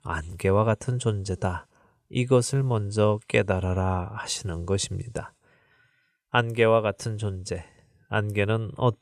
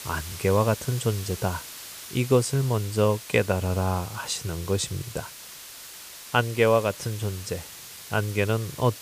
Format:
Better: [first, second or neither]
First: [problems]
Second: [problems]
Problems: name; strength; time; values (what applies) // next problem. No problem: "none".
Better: first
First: none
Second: hiss; noticeable; throughout; 15 dB below the speech